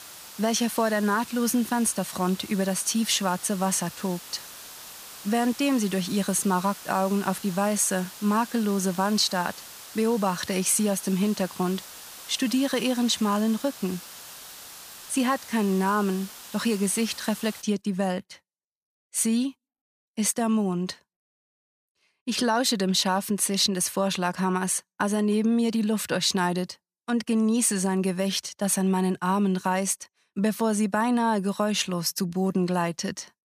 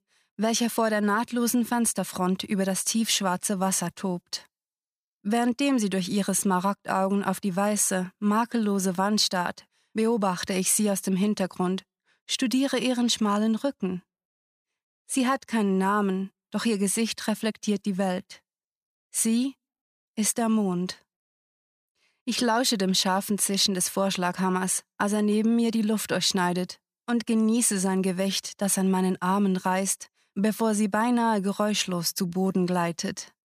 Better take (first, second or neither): second